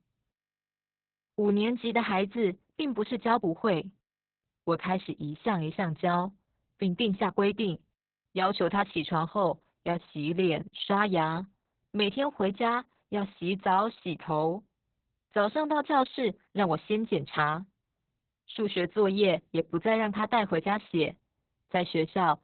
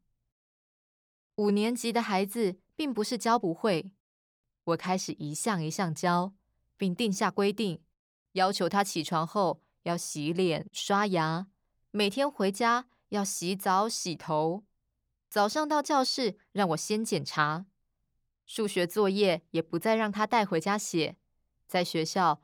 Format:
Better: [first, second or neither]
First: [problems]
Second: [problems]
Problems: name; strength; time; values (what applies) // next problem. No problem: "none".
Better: second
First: garbled, watery; badly; nothing above 4 kHz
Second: none